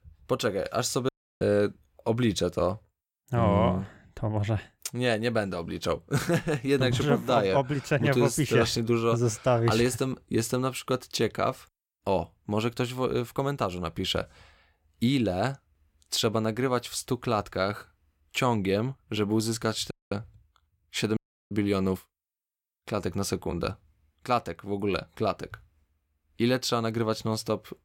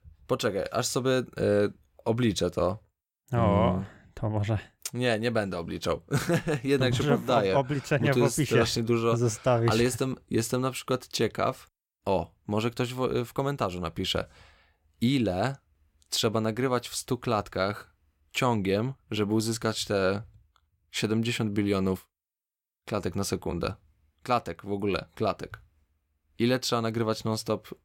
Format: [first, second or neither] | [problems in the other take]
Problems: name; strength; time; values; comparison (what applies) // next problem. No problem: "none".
second | audio cutting out; at 1 s, at 20 s and at 21 s